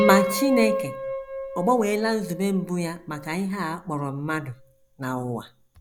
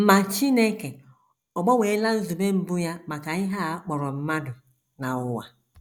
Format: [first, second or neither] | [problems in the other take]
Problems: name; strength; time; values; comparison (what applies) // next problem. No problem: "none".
second | background sound (Piano); 5 dB below the speech